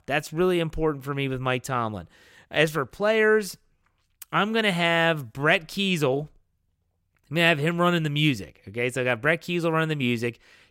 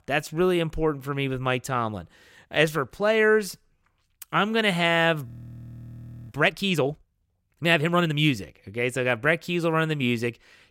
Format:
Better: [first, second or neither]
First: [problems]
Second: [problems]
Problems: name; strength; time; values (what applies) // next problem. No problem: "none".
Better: first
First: none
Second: audio freezing; at 5.5 s for 1 s